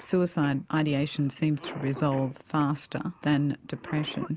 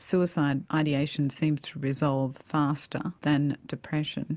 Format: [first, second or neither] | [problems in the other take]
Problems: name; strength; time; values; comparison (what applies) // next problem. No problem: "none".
second | background sound (Cough); 17 dB below the speech